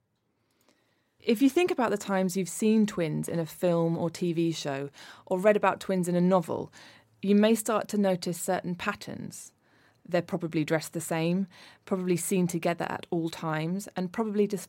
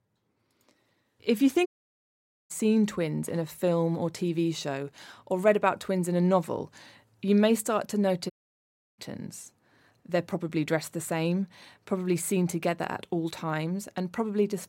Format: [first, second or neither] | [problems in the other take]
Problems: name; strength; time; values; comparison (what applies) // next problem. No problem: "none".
first | audio cutting out; at 1.5 s for 1 s and at 8.5 s for 0.5 s